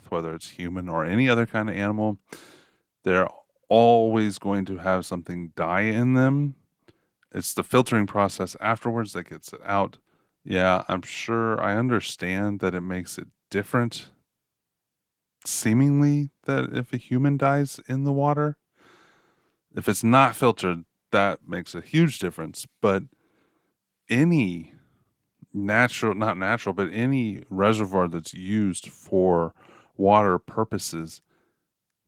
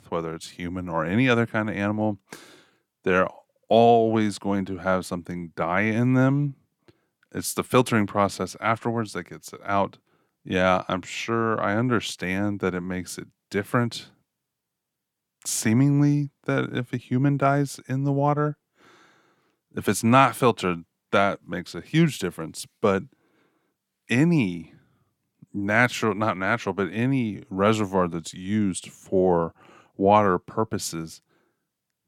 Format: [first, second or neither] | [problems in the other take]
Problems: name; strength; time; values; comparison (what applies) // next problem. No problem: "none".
second | garbled, watery; slightly; nothing above 19 kHz